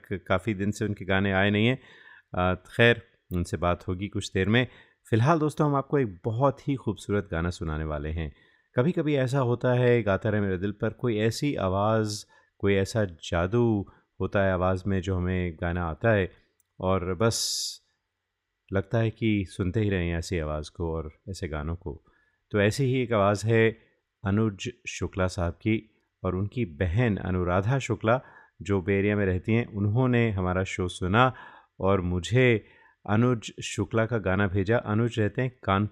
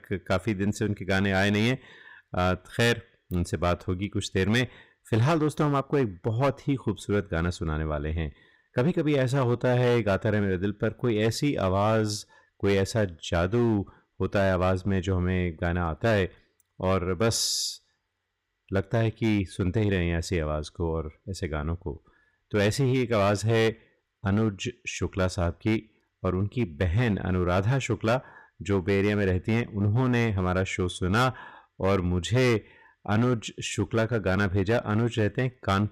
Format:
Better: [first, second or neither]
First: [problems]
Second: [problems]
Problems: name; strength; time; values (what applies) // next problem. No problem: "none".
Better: first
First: none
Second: distortion; slight; 7% of the sound clipped